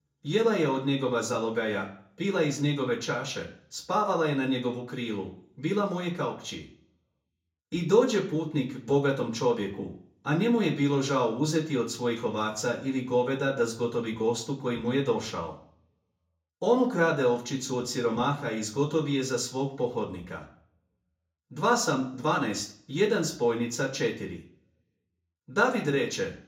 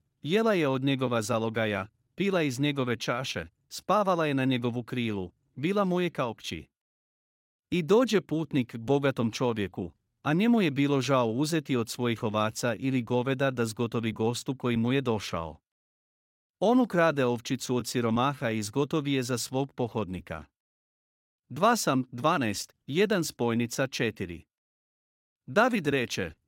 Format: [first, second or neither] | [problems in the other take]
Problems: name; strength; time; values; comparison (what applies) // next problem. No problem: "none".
second | room echo; very slight; dies away in 0.4 s // off-mic speech; far